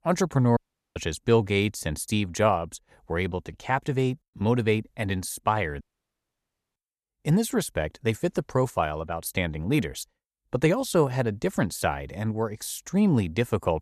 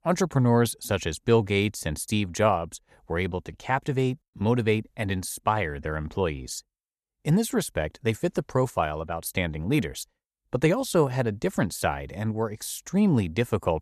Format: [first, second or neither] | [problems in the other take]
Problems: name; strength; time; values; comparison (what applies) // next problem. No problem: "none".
second | audio cutting out; at 0.5 s and at 6 s for 1 s